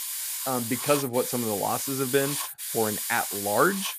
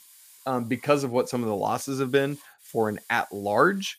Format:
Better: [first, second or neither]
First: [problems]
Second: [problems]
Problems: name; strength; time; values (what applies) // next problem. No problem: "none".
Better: second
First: hiss; loud; throughout; 2 dB below the speech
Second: hiss; faint; throughout; 25 dB below the speech